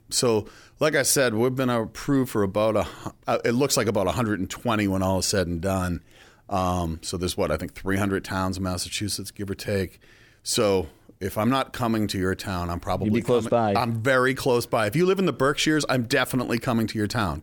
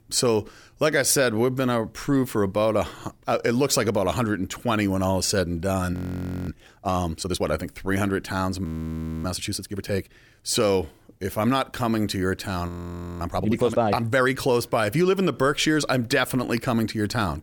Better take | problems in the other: first | audio freezing; at 6 s for 0.5 s, at 8.5 s for 0.5 s and at 13 s for 0.5 s

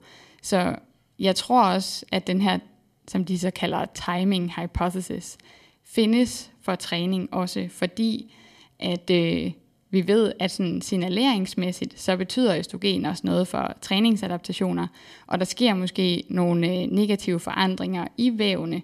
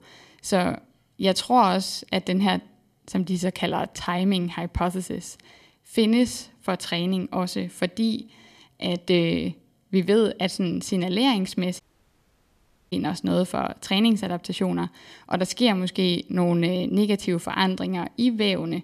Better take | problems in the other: first | audio cutting out; at 12 s for 1 s

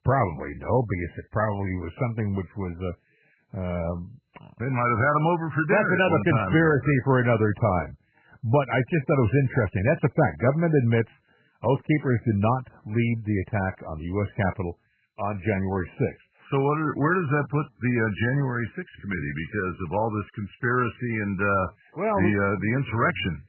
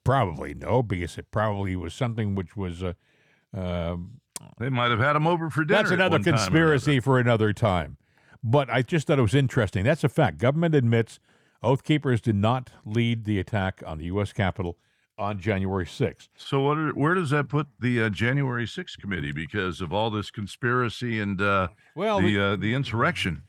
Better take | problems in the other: second | garbled, watery; badly; nothing above 3 kHz

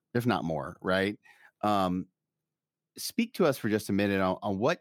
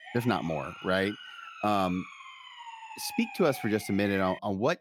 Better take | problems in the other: first | siren; faint; peak 10 dB below the speech

